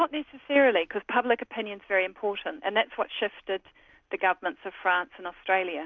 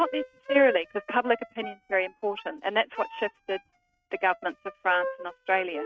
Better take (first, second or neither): first